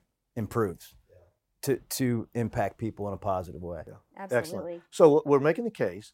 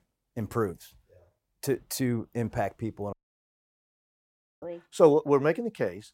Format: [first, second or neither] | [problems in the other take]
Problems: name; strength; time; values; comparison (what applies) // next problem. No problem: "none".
first | audio cutting out; at 3 s for 1.5 s